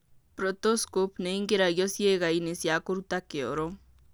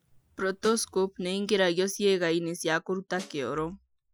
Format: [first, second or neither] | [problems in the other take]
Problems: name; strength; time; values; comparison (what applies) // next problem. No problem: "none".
first | noise reduction (classical method Wiener filter)